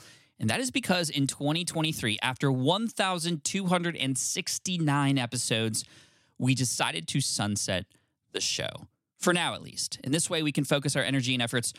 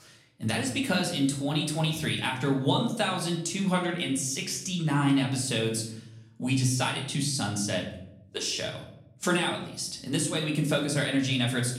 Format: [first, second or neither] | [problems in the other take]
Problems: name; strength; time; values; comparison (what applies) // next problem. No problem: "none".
first | room echo; slight; dies away in 0.6 s // off-mic speech; somewhat distant